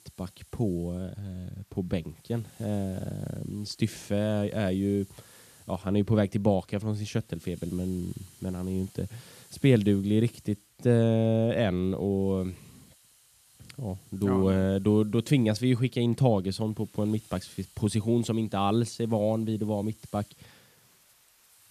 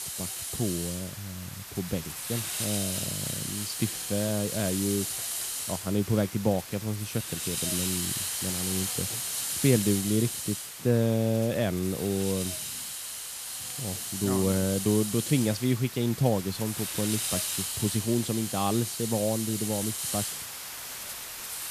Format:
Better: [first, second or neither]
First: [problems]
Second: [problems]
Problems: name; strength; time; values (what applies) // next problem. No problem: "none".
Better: first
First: hiss; faint; throughout; 25 dB below the speech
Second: hiss; loud; throughout; 2 dB below the speech